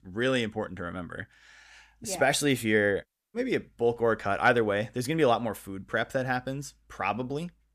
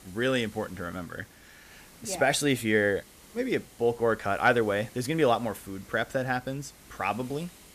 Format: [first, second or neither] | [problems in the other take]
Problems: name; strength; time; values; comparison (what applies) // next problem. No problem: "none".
first | hiss; faint; throughout; 25 dB below the speech